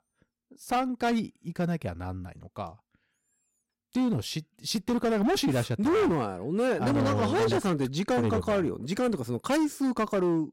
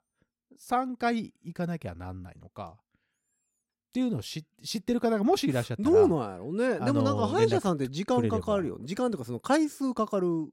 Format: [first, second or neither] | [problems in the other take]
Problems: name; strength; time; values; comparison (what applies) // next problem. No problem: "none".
second | distortion; heavy; 14% of the sound clipped